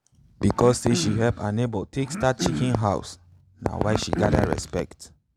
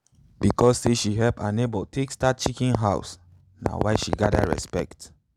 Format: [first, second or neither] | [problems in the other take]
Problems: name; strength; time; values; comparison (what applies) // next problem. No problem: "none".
second | background sound (Cough); 8 dB below the speech